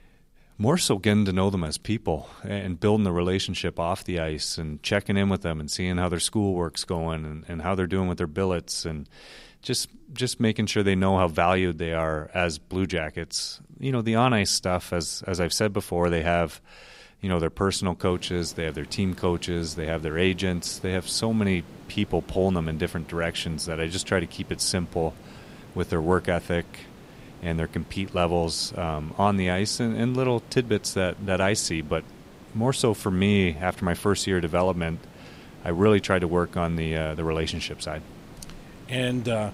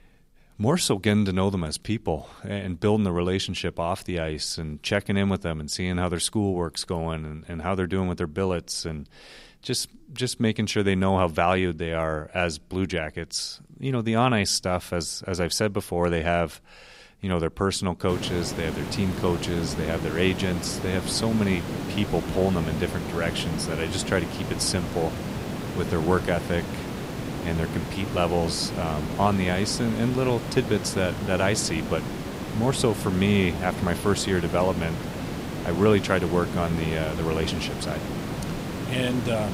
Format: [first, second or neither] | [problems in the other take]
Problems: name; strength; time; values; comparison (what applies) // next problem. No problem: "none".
first | hiss; loud; from 18 s on; 6 dB below the speech; faint in the first